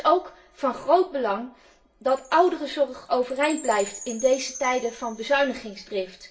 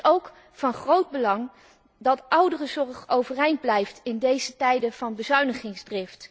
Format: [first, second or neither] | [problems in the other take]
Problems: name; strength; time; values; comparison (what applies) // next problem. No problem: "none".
second | background sound (Chime); 19 dB below the speech // room echo; dies away in 0.3 s